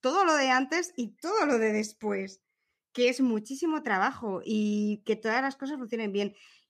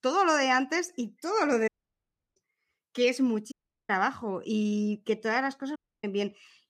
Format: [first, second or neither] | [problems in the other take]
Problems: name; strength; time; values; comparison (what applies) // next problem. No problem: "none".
first | audio cutting out; at 1.5 s for 0.5 s, at 3.5 s and at 6 s